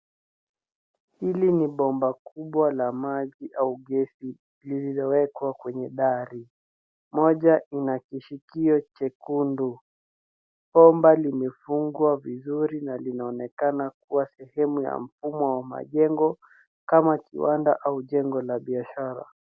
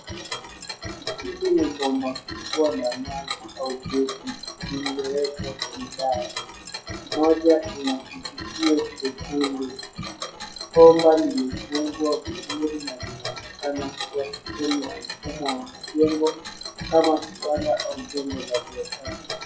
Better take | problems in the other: first | noise reduction (classical method WPE with log-MMSE)

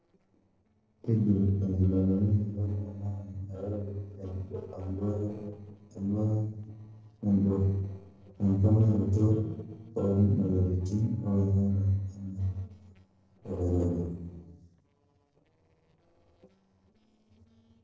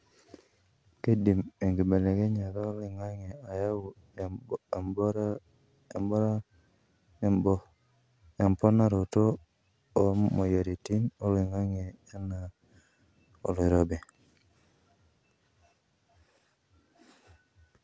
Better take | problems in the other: second | noise reduction (neural separator model SepFormer DNS4)

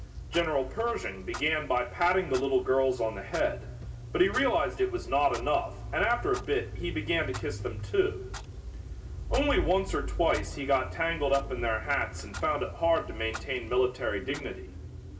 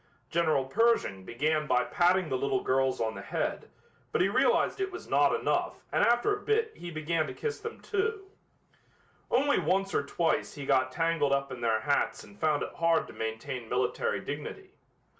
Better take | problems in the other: second | background sound (Clock); 9 dB below the speech // room echo; dies away in 2.1 s

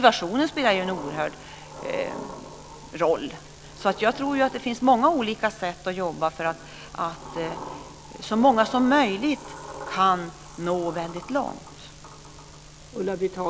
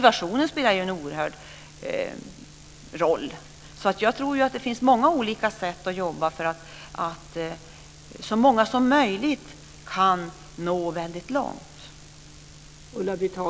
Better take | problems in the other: second | background sound (Sliding door); 17 dB below the speech

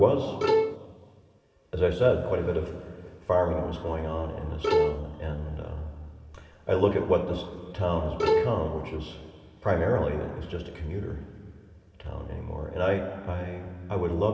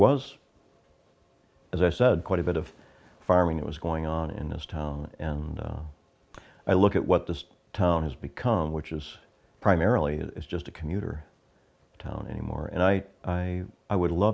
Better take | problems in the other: second | background sound (Bowed string instrument); 2 dB above the speech // room echo; dies away in 2.5 s

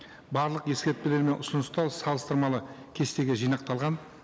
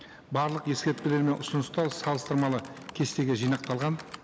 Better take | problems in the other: first | background sound (Typing); 19 dB below the speech

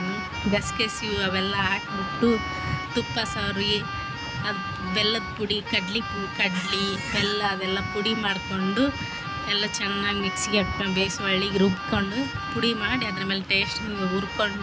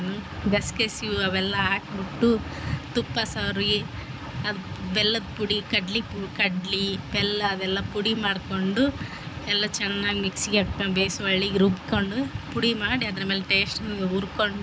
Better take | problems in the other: second | background sound (Keyboard (musical) + Squeak); 7 dB below the speech

